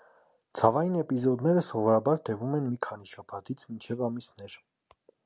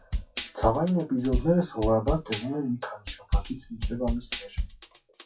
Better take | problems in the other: first | noise reduction (classical method WPE with log-MMSE)

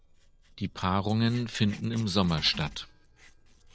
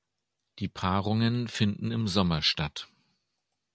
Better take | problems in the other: second | noise reduction (neural separator model SepFormer DNS4)

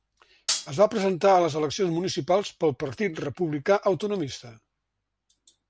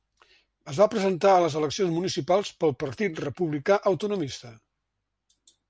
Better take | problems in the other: second | background sound (Hi-hat); 3 dB below the speech

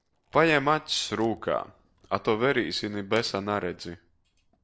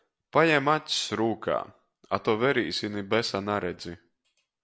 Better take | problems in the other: second | noise reduction (neural separator model SepFormer DNS4)

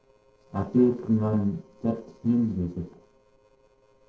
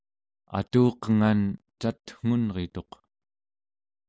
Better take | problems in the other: second | noise reduction (neural separator model SepFormer DNS4)

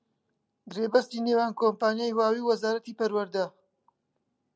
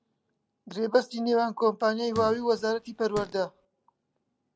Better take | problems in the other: first | background sound (Fart); 15 dB below the speech

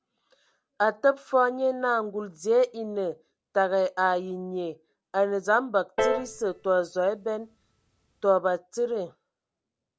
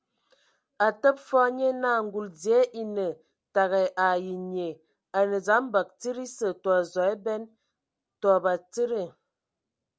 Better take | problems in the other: second | background sound (Piano); 6 dB below the speech

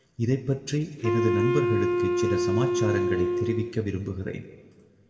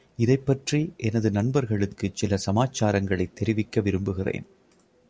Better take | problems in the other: second | background sound (Wind instrument, woodwind instrument); 3 dB above the speech // room echo; dies away in 1.3 s

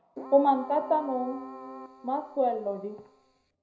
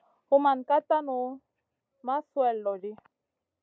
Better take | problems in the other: second | background sound (Keyboard (musical)); 16 dB below the speech // room echo; dies away in 0.5 s

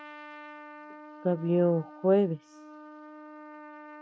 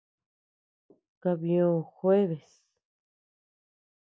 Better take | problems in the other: second | noise reduction (neural mask model RNNoise)

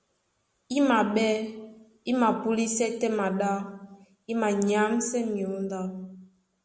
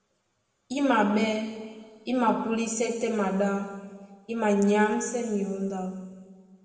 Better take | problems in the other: first | room echo; dies away in 1.7 s

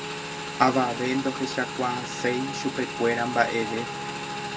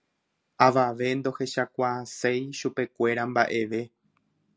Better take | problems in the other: second | background sound (Motorcycle / Engine); 6 dB below the speech // room echo; dies away in 1.7 s

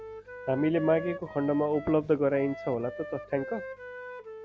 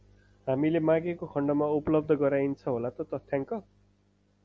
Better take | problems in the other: second | background sound (Wind instrument, woodwind instrument); 12 dB below the speech

